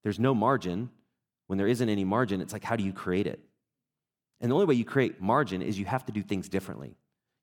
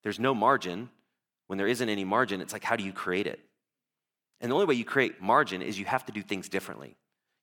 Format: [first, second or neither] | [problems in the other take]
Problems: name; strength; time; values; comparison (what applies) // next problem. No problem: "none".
first | thin; somewhat; fading below 1 kHz